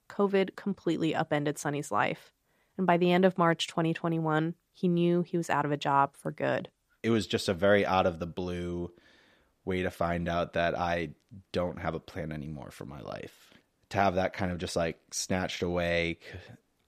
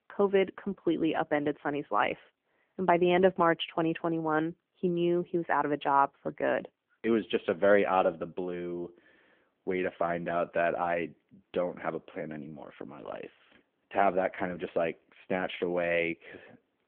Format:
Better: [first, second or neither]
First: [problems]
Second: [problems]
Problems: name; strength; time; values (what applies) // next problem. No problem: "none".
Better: first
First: none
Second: phone-call audio; nothing above 3.5 kHz